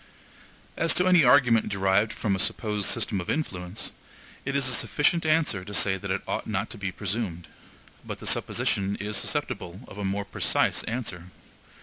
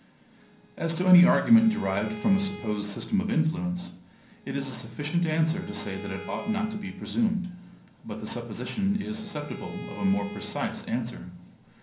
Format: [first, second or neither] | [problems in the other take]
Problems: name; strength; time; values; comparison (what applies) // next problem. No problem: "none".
first | background sound (Bowed string instrument); 19 dB below the speech // room echo; dies away in 0.6 s